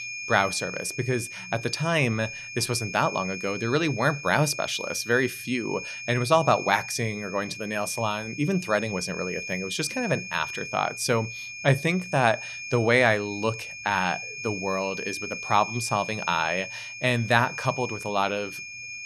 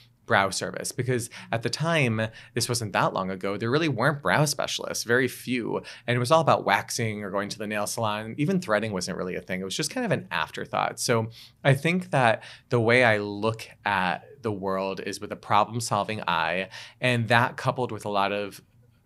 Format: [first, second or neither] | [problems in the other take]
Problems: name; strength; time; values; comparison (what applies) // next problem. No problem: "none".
second | high-pitched whine; loud; throughout; 2.5 kHz, 8 dB below the speech